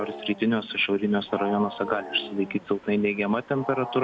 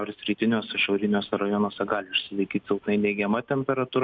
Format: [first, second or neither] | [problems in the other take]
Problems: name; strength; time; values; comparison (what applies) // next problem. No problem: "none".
second | background sound (Wild animals); 13 dB below the speech